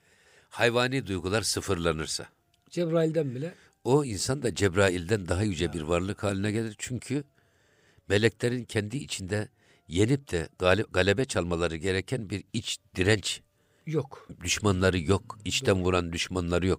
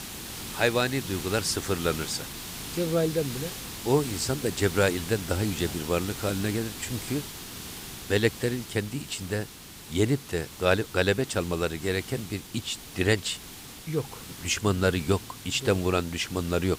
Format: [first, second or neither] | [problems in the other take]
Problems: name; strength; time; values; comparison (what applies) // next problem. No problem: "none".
first | hiss; loud; throughout; 10 dB below the speech